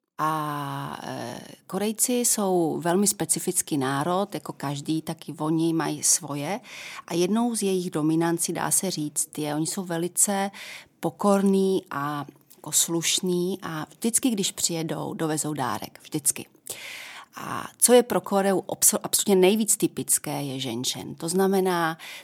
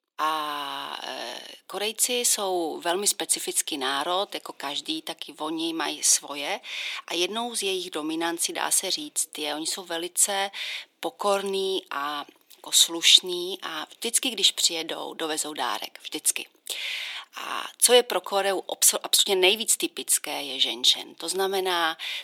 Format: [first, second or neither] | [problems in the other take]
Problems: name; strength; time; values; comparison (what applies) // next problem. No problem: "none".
first | thin; somewhat; fading below 350 Hz